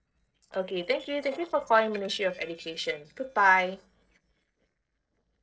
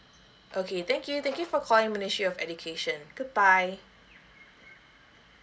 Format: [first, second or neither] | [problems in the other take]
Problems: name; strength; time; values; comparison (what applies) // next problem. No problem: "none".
second | noise reduction (neural separator model SepFormer DNS4)